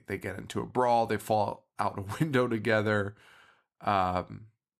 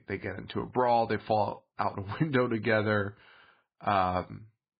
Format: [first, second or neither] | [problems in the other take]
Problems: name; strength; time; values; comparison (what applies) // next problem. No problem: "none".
first | garbled, watery; badly; nothing above 4.5 kHz